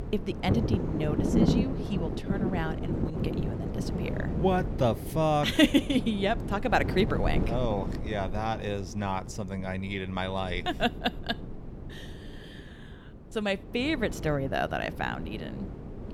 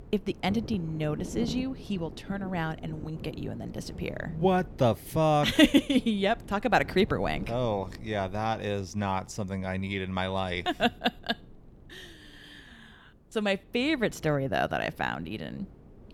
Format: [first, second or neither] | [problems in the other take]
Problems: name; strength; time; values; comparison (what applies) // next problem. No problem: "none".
second | wind noise on the microphone; heavy; 8 dB below the speech; occasional gusts in the second